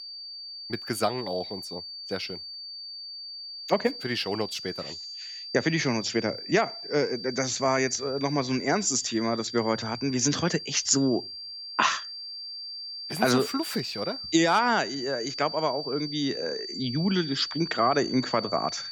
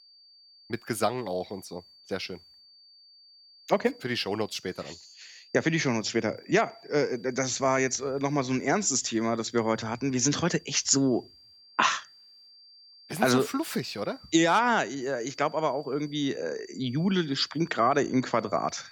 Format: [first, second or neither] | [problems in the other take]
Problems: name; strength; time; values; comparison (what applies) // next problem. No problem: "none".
second | high-pitched whine; loud; throughout; 4.5 kHz, 9 dB below the speech; faint in the second